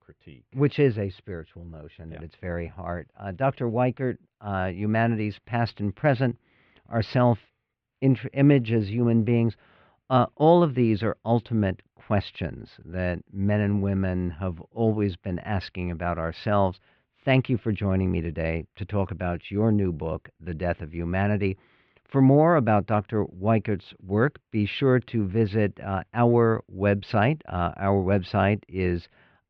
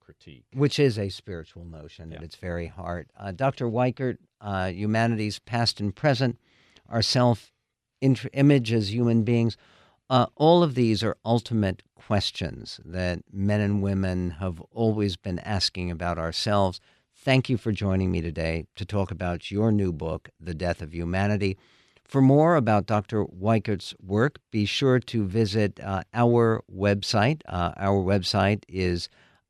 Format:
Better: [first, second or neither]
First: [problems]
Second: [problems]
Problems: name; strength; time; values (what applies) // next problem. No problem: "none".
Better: second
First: muffled; very; fading above 3 kHz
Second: none